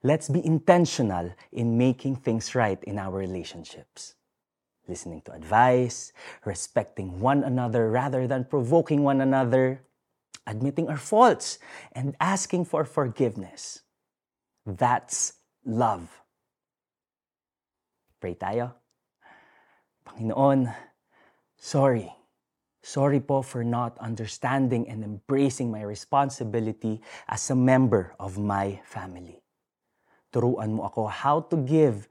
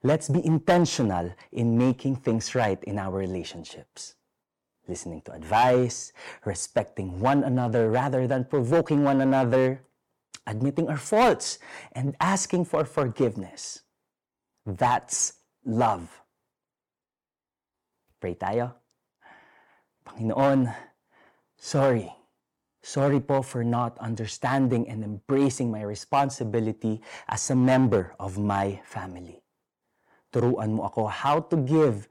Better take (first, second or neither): first